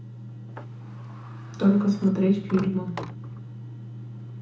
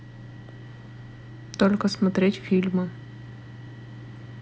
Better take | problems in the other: second | background sound (Sliding door); 17 dB below the speech // room echo; dies away in 0.8 s

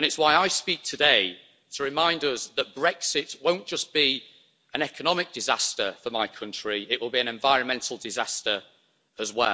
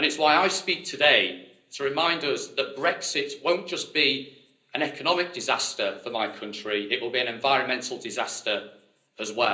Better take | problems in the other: first | room echo; dies away in 0.5 s

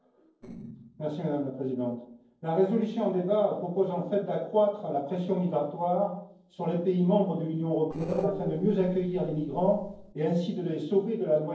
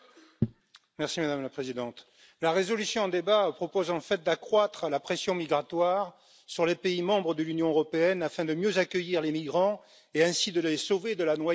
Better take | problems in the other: second | noise reduction (neural separator model SepFormer DNS4)

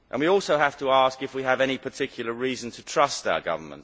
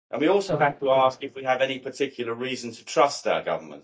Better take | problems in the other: first | noise reduction (neural mask model DeepFilterNet 3)

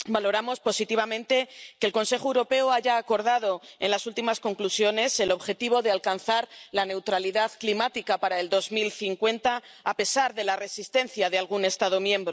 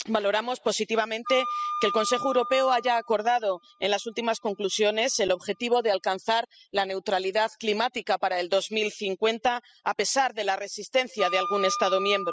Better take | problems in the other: first | noise reduction (classical method spectral subtraction)

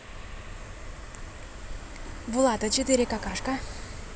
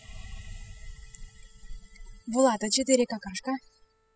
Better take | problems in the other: first | noise reduction (classical method spectral subtraction)

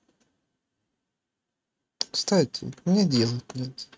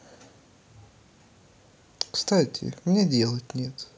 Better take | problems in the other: second | noise reduction (neural mask model RNNoise)

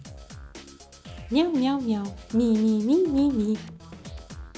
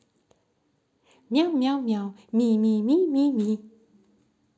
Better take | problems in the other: second | background sound (Drum kit); 16 dB below the speech

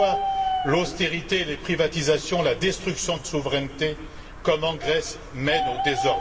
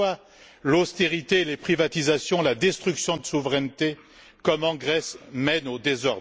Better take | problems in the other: second | background sound (Bird); 5 dB below the speech // room echo; dies away in 2 s

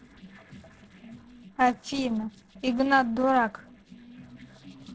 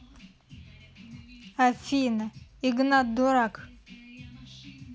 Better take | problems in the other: second | noise reduction (neural separator model SepFormer DNS4)

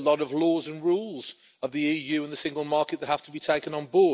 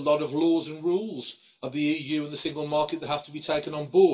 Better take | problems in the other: first | room echo; dies away in 0.2 s

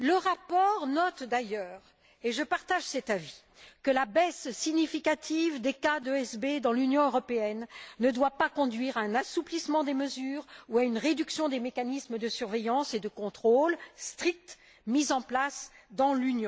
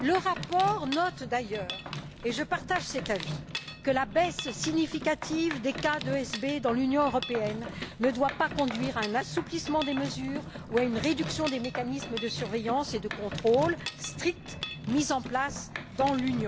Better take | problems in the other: first | background sound (Mechanisms); 9 dB below the speech

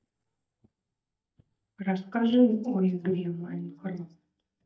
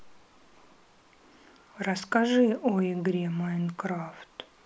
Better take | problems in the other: second | noise reduction (neural mask model DeepFilterNet 3)

